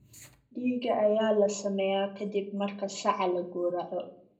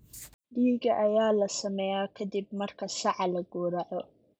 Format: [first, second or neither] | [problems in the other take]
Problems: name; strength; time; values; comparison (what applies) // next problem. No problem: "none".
second | room echo; dies away in 0.4 s